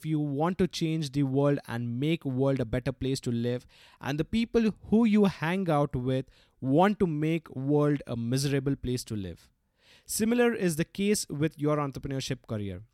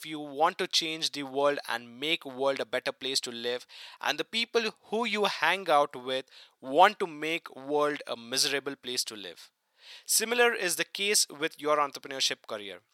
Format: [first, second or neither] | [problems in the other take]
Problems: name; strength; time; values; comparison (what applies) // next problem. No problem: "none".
first | thin; very; fading below 750 Hz